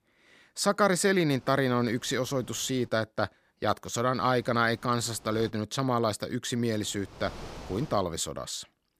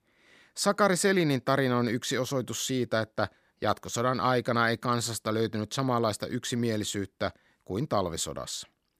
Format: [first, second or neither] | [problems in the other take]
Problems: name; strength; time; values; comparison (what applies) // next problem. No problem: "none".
second | wind noise on the microphone; occasional gusts; from 1.5 to 3 s, from 4 to 5.5 s and from 6.5 to 8 s; 20 dB below the speech